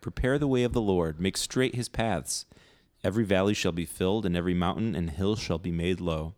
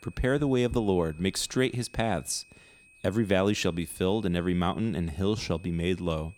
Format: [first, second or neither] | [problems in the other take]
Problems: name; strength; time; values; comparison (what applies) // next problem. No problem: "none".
first | high-pitched whine; faint; throughout; 2.5 kHz, 25 dB below the speech